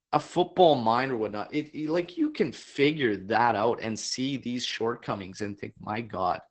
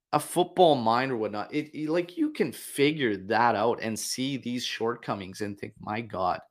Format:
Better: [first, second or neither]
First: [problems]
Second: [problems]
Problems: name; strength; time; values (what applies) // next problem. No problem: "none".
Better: second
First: garbled, watery; badly; nothing above 8 kHz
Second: none